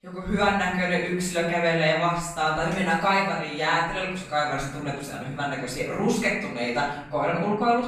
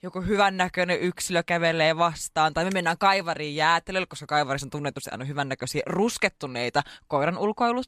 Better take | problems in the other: second | room echo; noticeable; dies away in 0.8 s // off-mic speech; far

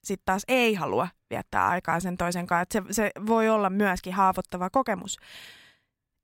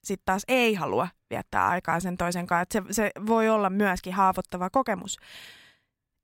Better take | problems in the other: neither | none

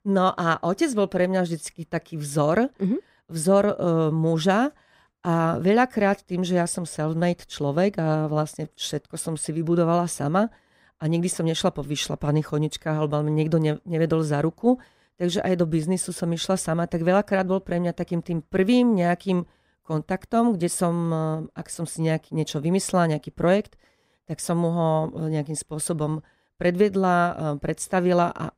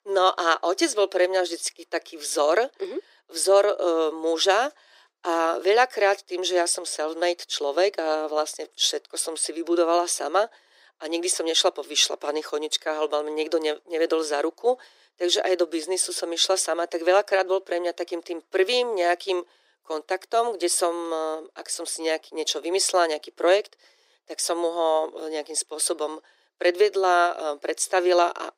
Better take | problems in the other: first | thin; very; fading below 350 Hz

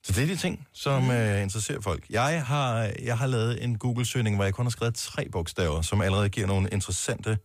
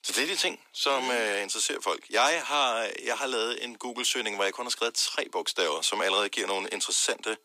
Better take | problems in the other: first | thin; very; fading below 300 Hz

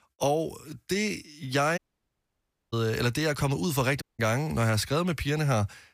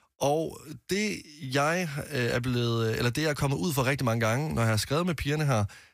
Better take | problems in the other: second | audio cutting out; at 2 s for 1 s and at 4 s

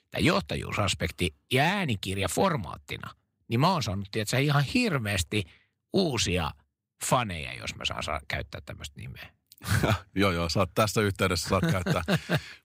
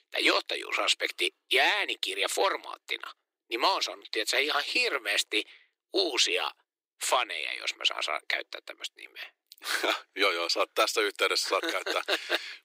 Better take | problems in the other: first | thin; very; fading below 300 Hz

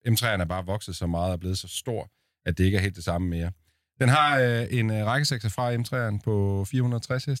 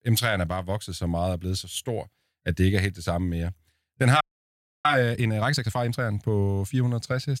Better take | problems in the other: first | audio freezing; at 4 s for 0.5 s

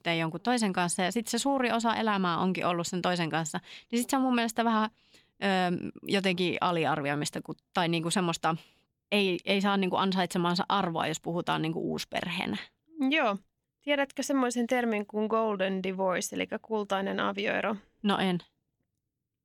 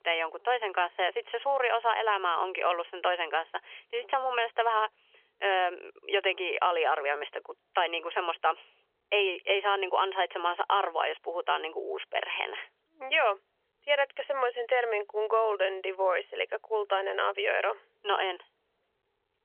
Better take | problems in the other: first | phone-call audio; nothing above 3.5 kHz

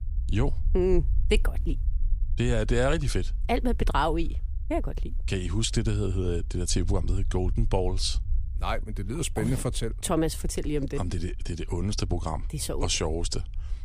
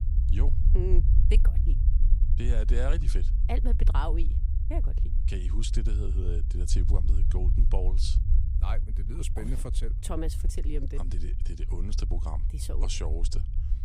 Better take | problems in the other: first | low rumble; loud; throughout; 8 dB below the speech; faint in the first

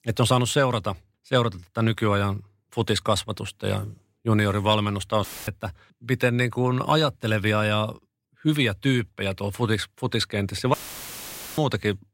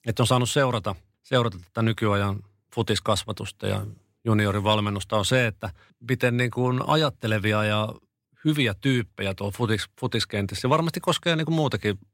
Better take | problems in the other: second | audio cutting out; filled with static; at 5 s and at 11 s for 1 s

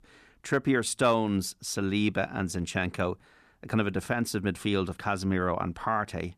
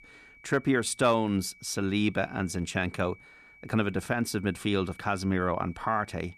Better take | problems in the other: first | high-pitched whine; faint; throughout; 2.5 kHz, 25 dB below the speech

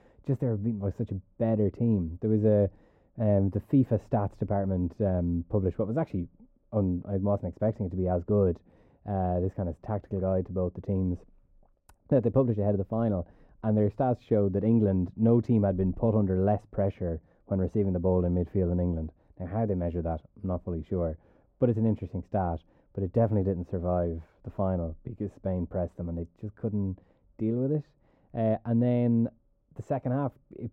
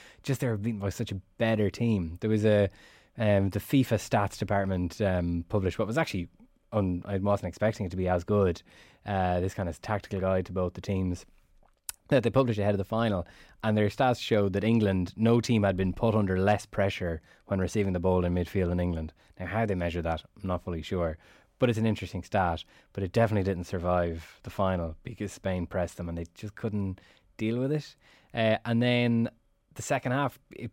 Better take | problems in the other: second | muffled; very; fading above 1.5 kHz

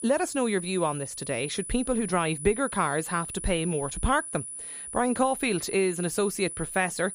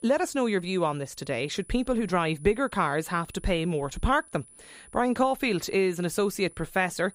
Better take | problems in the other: second | high-pitched whine; loud; throughout; 10 kHz, 8 dB below the speech; faint in the second

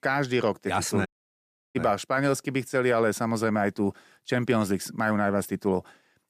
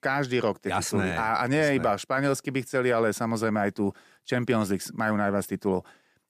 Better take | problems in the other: second | audio cutting out; at 1 s for 0.5 s

